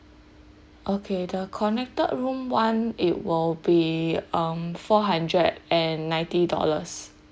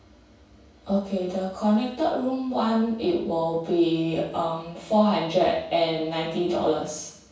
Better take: first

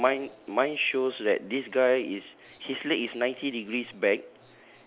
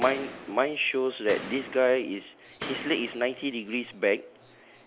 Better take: first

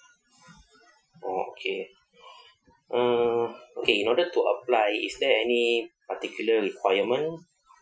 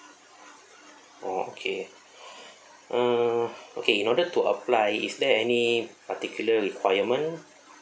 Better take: second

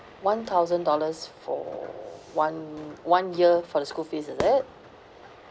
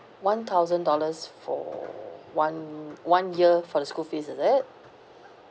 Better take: second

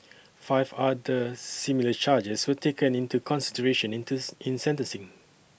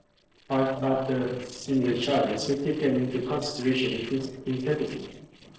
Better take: first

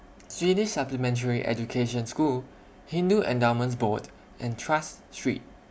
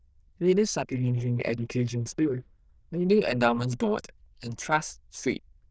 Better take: first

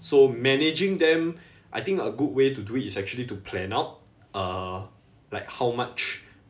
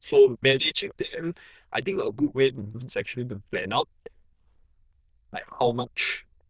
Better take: first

